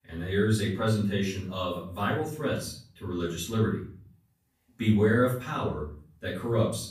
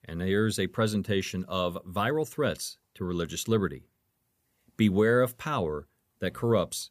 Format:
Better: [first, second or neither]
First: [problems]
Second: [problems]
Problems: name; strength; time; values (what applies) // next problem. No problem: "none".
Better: second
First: off-mic speech; far // room echo; noticeable; dies away in 0.5 s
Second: none